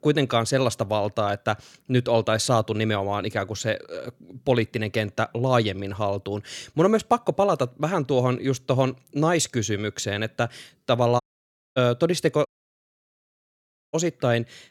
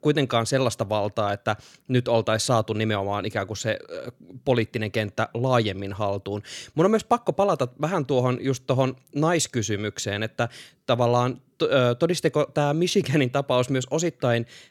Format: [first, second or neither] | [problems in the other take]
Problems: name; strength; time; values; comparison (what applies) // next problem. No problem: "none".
second | audio cutting out; at 11 s for 0.5 s and at 12 s for 1.5 s